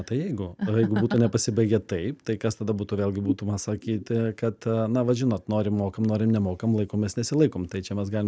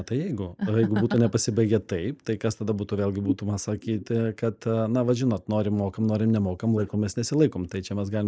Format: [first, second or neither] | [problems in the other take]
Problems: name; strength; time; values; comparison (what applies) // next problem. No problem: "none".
first | noise reduction (neural mask model Resemble Enhance denoiser)